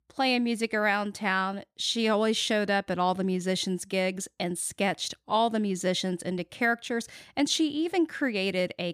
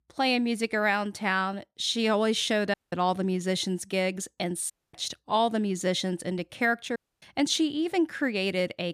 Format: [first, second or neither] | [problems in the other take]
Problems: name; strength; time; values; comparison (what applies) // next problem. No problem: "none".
first | audio cutting out; at 2.5 s, at 4.5 s and at 7 s